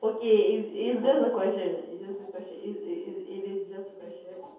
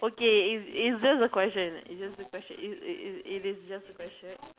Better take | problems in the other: second | room echo; dies away in 0.7 s

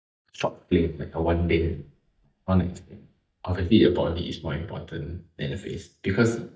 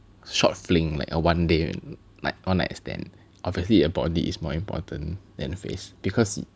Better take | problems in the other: second | noise reduction (neural mask model DeepFilterNet 3)

